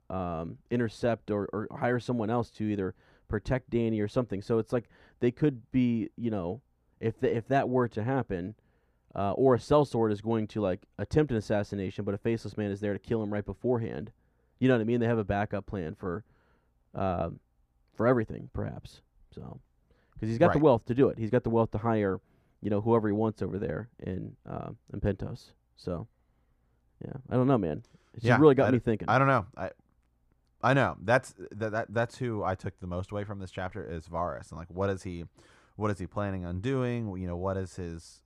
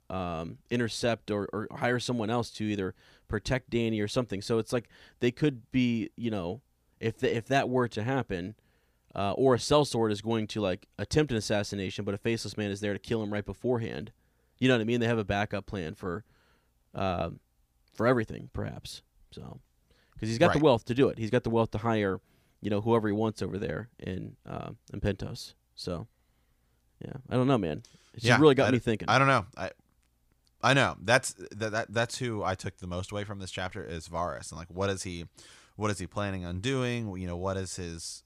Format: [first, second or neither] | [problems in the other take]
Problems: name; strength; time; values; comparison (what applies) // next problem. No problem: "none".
second | muffled; slightly; fading above 2 kHz